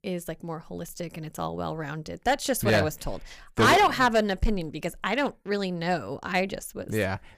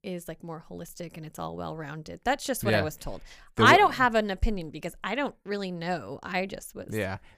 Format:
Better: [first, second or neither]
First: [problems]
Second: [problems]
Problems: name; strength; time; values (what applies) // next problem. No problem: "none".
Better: second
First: distortion; heavy; 3% of the sound clipped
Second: none